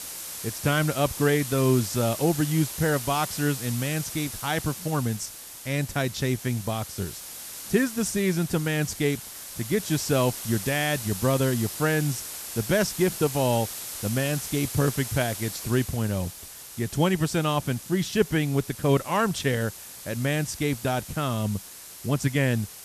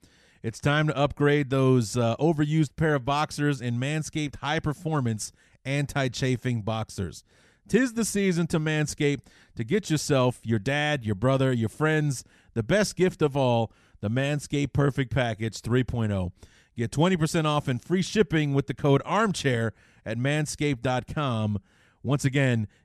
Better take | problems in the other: second | hiss; loud; throughout; 9 dB below the speech

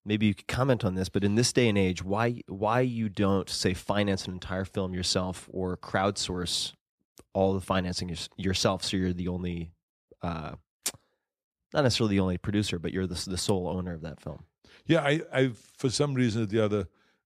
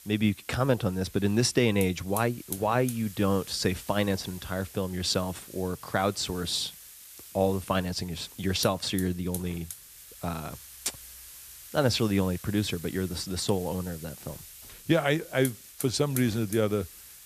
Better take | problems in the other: first | hiss; noticeable; throughout; 15 dB below the speech

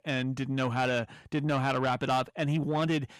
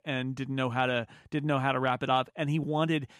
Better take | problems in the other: second | distortion; slight; 10 dB below the speech

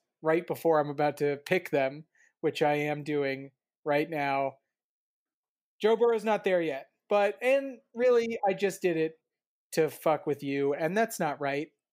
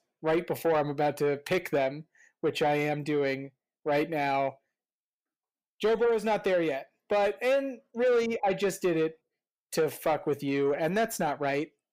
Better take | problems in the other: first | distortion; slight; 10 dB below the speech

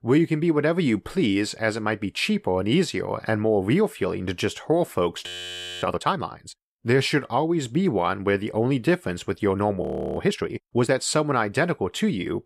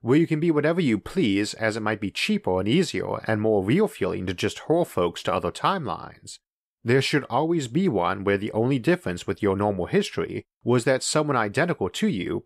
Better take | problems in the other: second | audio freezing; at 5.5 s for 0.5 s and at 10 s

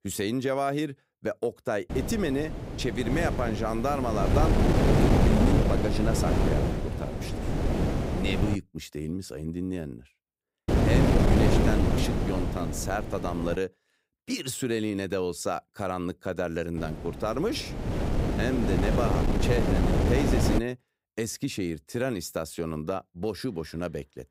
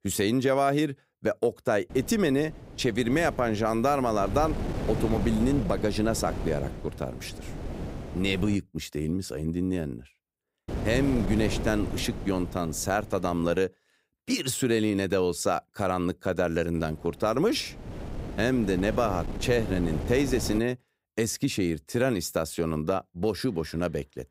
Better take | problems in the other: second | wind noise on the microphone; heavy; from 2 to 8.5 s, from 11 to 14 s and from 17 to 21 s; 1 dB above the speech; occasional gusts in the second

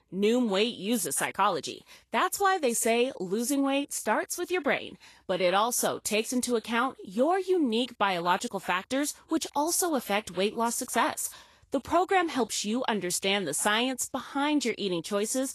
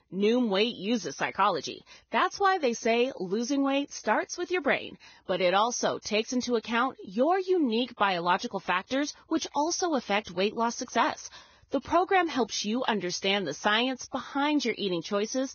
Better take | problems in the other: first | garbled, watery; badly; nothing above 6.5 kHz; slightly in the first

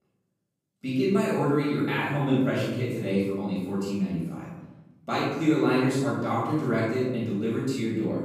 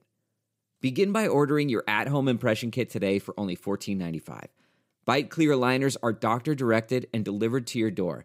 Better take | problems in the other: second | off-mic speech; far // room echo; strong; dies away in 1 s

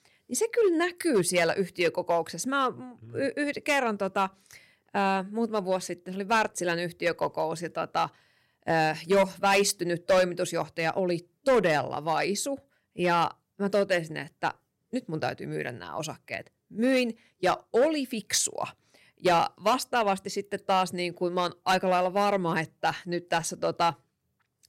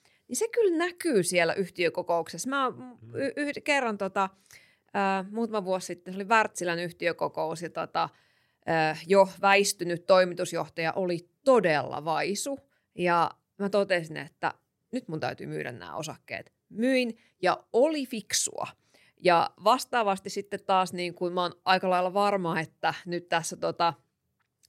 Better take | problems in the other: second | distortion; slight; 3% of the sound clipped

